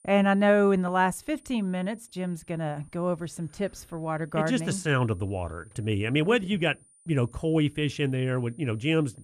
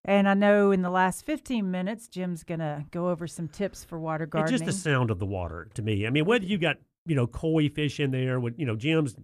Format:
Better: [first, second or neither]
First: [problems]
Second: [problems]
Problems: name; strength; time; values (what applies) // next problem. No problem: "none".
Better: second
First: high-pitched whine; faint; throughout; 9.5 kHz, 30 dB below the speech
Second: none